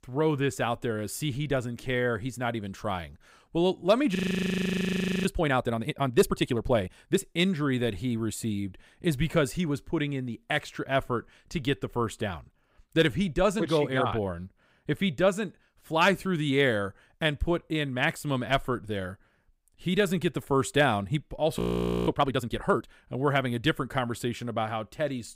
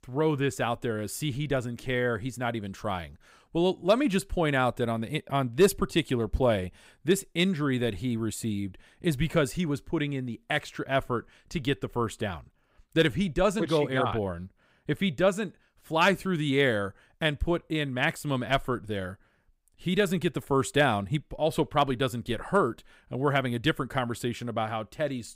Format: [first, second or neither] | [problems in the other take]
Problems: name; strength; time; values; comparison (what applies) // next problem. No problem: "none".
second | audio freezing; at 4 s for 1 s and at 22 s